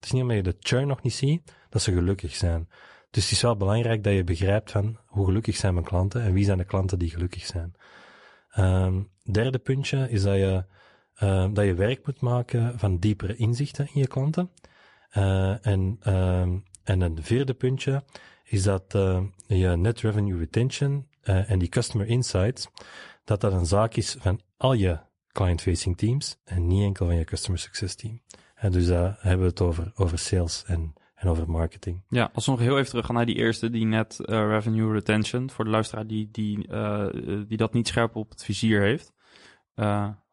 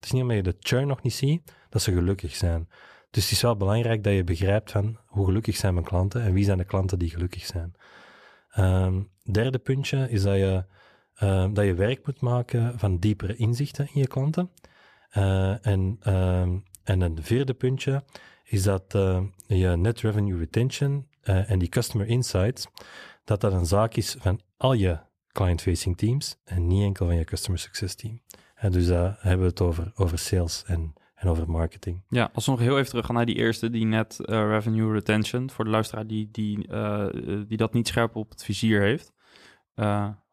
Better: second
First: garbled, watery; slightly; nothing above 10.5 kHz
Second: none

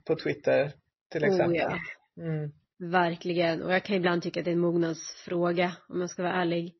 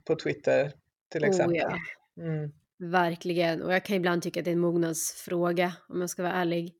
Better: second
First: garbled, watery; slightly; nothing above 6 kHz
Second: none

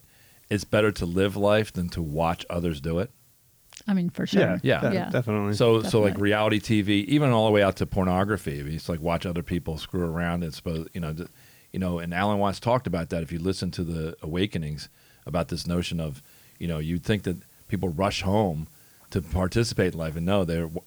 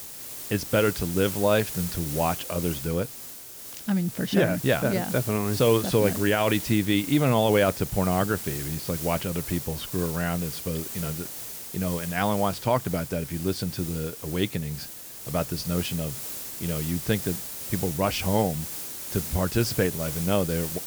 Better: first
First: hiss; faint; throughout; 25 dB below the speech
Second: hiss; loud; throughout; 6 dB below the speech

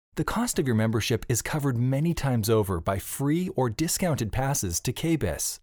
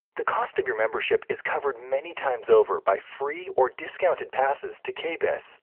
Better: first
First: none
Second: phone-call audio; nothing above 3 kHz

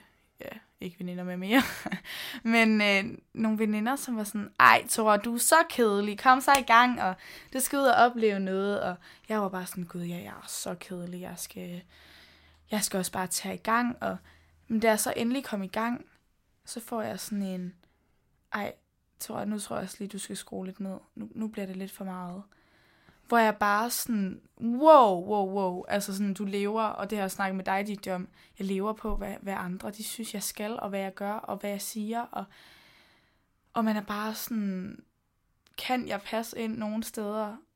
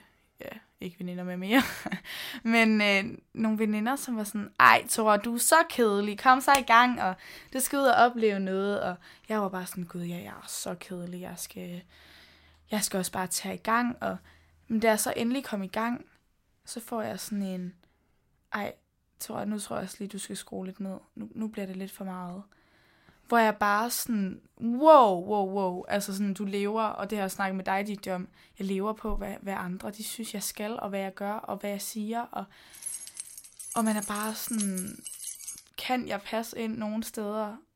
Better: first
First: none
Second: jangling keys; noticeable; from 33 to 36 s; peak 6 dB below the speech

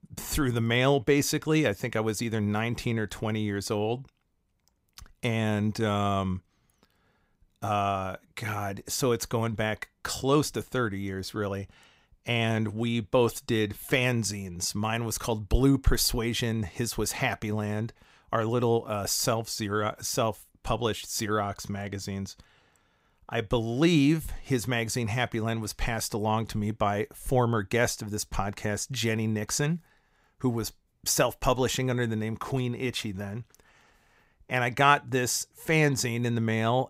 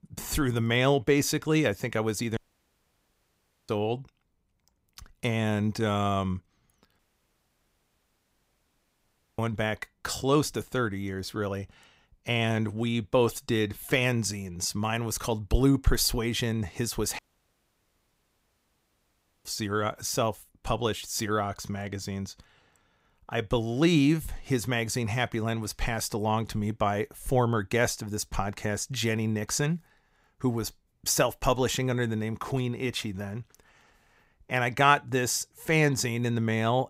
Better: first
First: none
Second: audio cutting out; at 2.5 s for 1.5 s, at 7 s for 2.5 s and at 17 s for 2.5 s

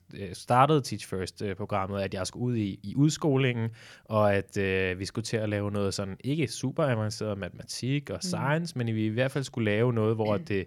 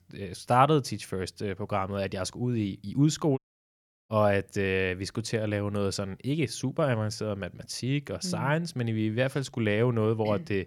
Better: first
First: none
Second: audio cutting out; at 3.5 s for 0.5 s

